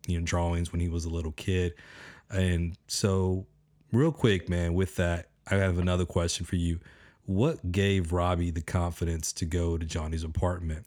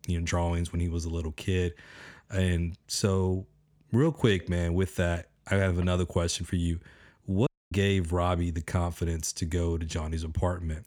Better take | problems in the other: first | audio cutting out; at 7.5 s

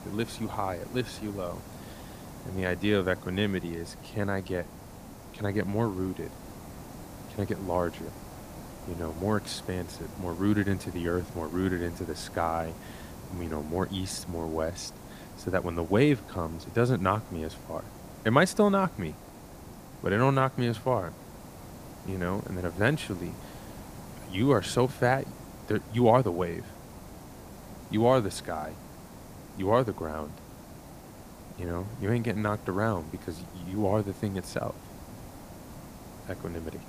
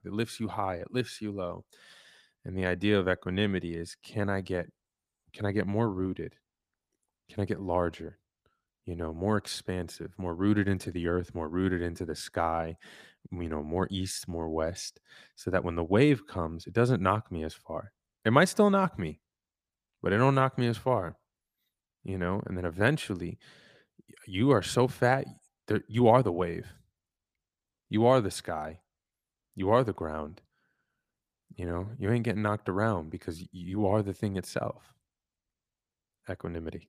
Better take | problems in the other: second | hiss; noticeable; throughout; 15 dB below the speech

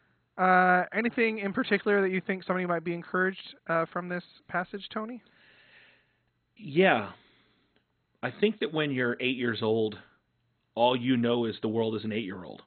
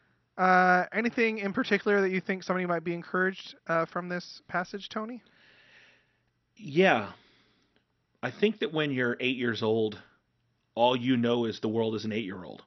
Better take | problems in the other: second | garbled, watery; badly; nothing above 4 kHz; slightly in the second

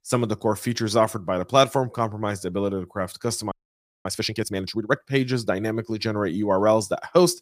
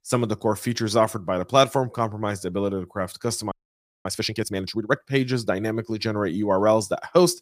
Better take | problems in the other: neither | audio freezing; at 3.5 s for 0.5 s; the same in both

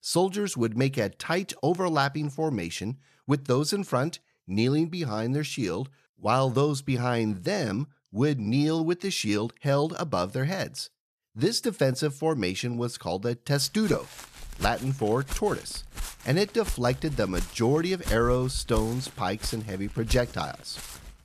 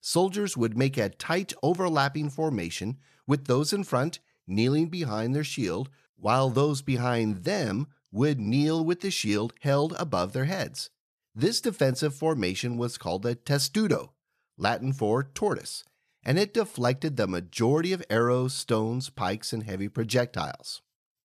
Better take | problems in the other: second | footsteps; noticeable; from 14 s on; peak 8 dB below the speech

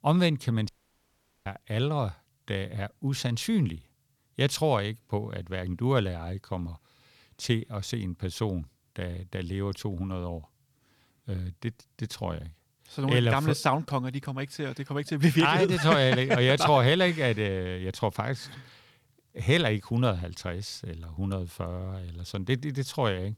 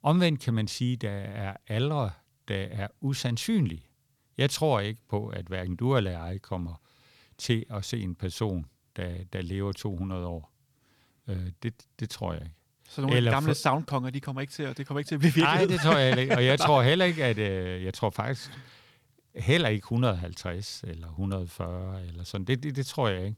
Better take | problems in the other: second | audio cutting out; at 0.5 s for 1 s

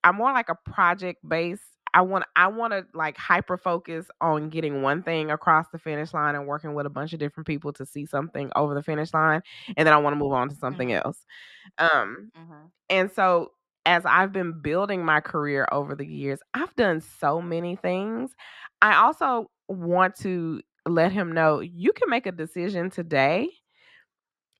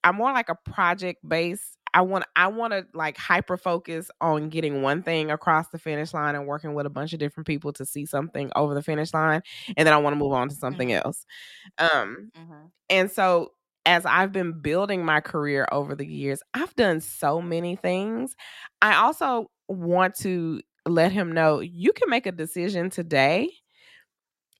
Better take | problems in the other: second | muffled; very slightly; fading above 1.5 kHz

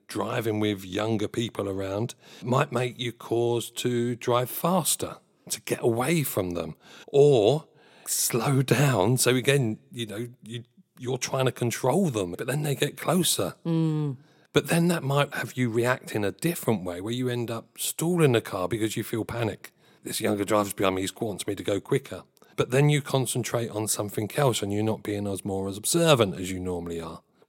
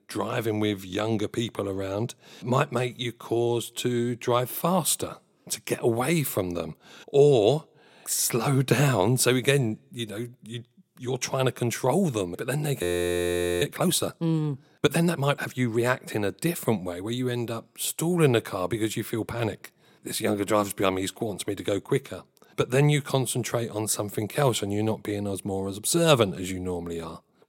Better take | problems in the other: first | audio freezing; at 13 s for 1 s

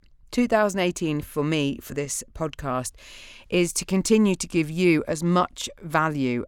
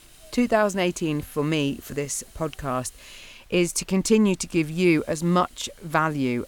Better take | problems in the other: first | hiss; faint; throughout; 25 dB below the speech

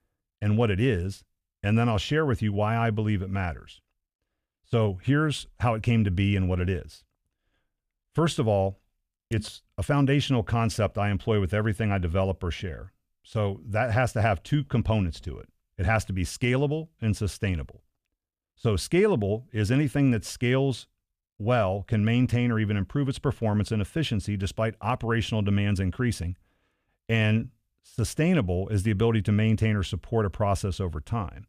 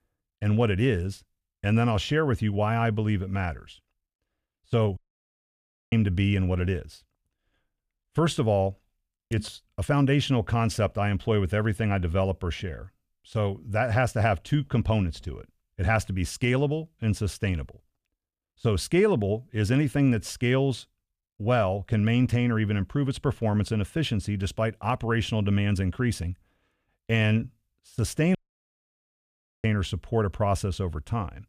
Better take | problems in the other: first | audio cutting out; at 5 s for 1 s and at 28 s for 1.5 s

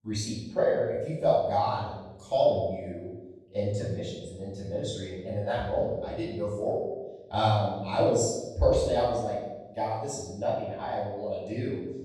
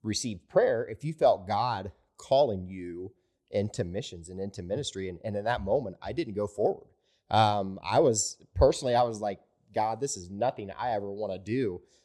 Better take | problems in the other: second | off-mic speech; far // room echo; noticeable; dies away in 0.9 s

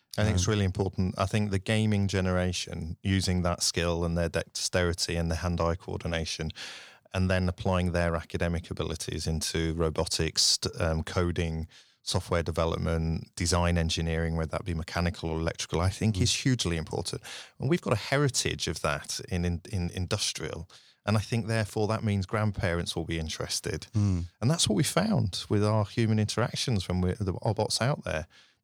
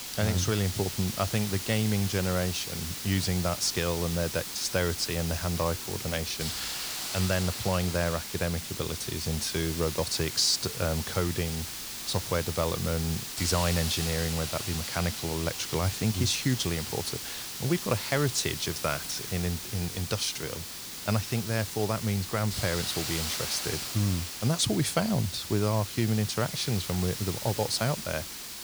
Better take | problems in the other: first | hiss; loud; throughout; 5 dB below the speech

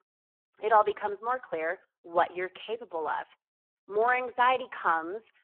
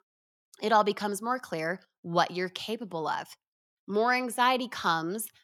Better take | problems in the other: second | phone-call audio; poor line

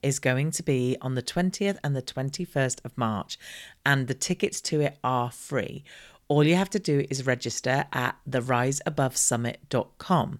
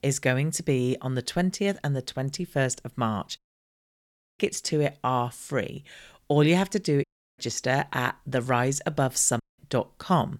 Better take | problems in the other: first | audio cutting out; at 3.5 s for 1 s, at 7 s and at 9.5 s

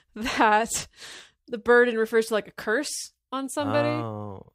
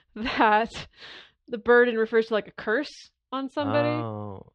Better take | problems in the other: first | muffled; slightly; fading above 4 kHz

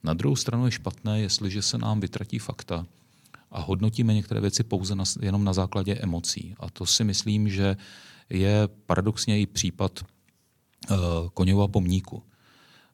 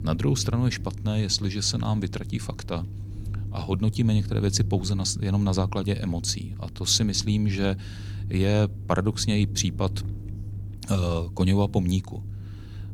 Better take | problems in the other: first | low rumble; noticeable; throughout; 20 dB below the speech

